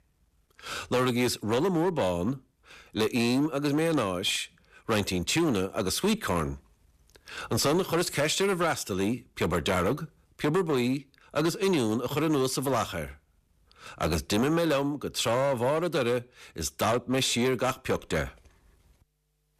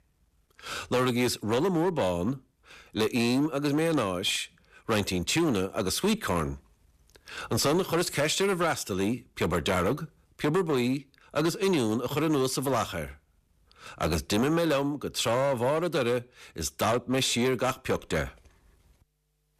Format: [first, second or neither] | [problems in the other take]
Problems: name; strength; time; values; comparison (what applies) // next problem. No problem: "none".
neither | distortion; slight; 10% of the sound clipped; the same in both